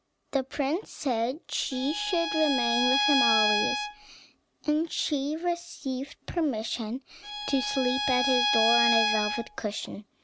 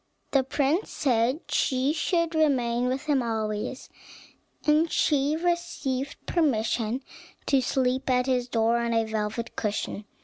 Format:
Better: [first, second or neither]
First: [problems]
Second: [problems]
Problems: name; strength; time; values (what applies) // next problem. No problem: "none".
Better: second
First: background sound (Bowed string instrument); 2 dB above the speech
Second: none